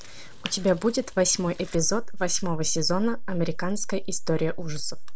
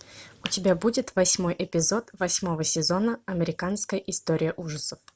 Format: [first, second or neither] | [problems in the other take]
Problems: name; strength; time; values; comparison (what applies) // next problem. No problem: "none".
second | background sound (Mechanisms / Bicycle); 1 dB below the speech